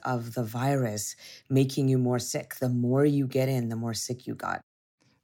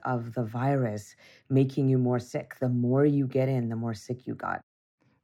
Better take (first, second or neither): first